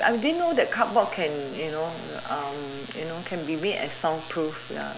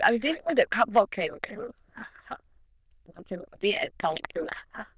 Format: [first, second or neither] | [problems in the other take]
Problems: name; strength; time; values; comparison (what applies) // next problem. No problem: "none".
first | noise reduction (neural diffusion model UNIVERSE++)